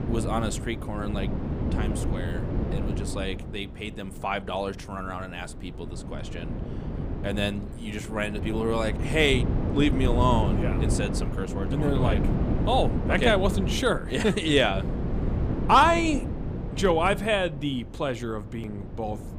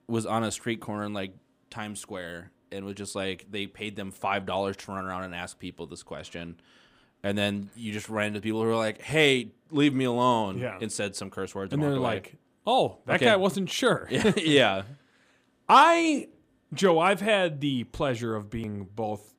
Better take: second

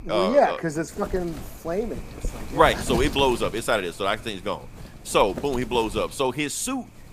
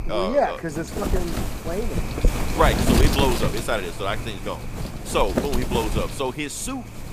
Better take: first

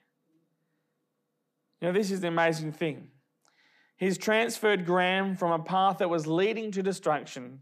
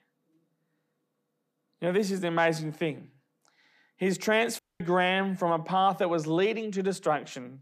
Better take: first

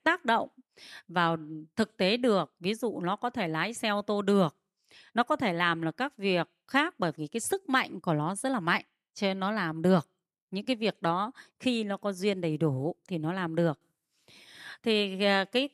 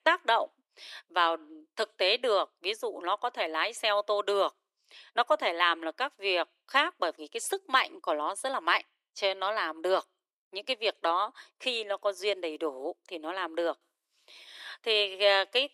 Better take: first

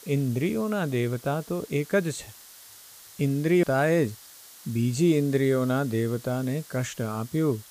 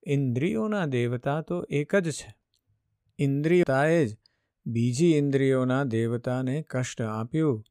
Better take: second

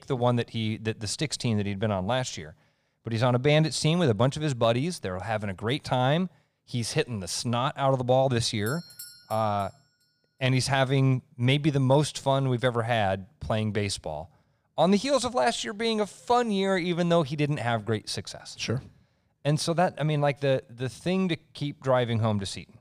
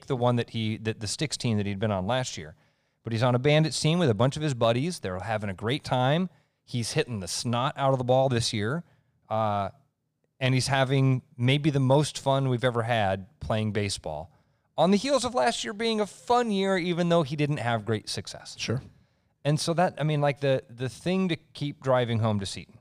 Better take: second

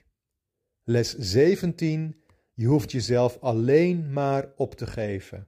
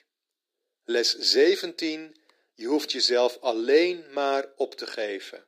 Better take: first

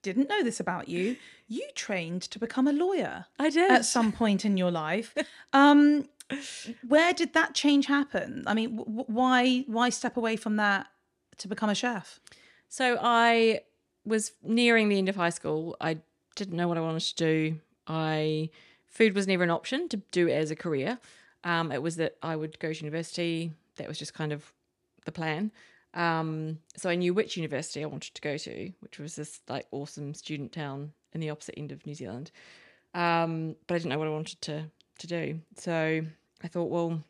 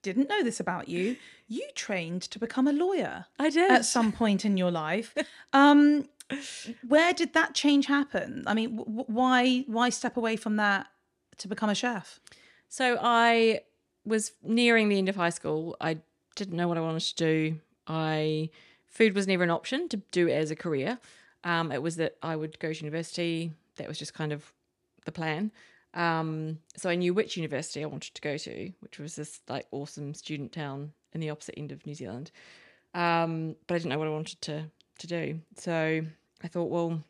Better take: neither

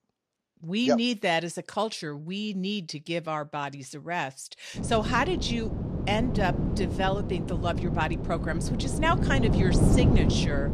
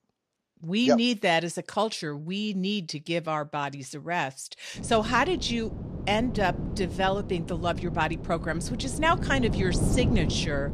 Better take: second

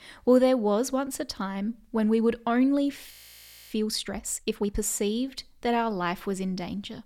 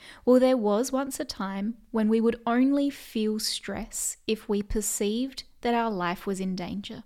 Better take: second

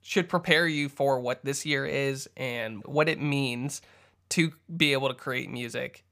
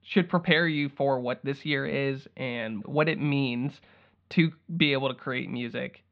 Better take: first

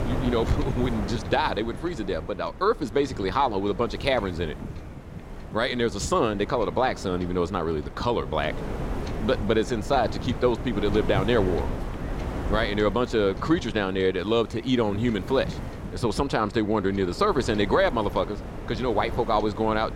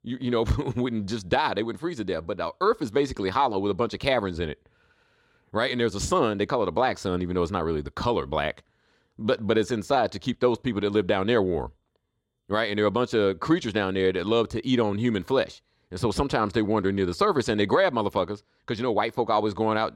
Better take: second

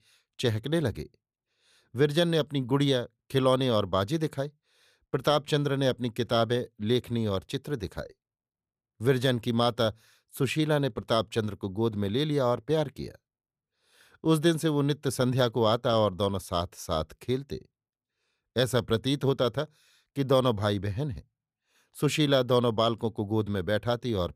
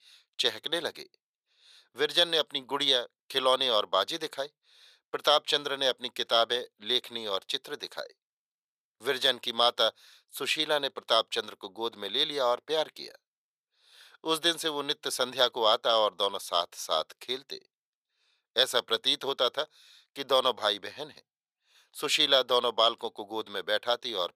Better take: first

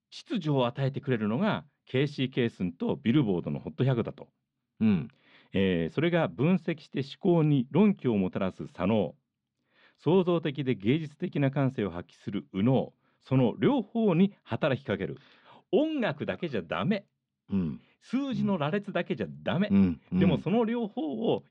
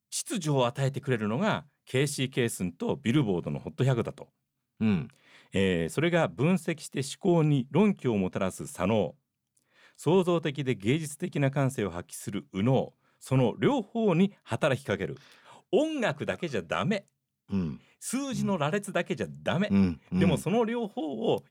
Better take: second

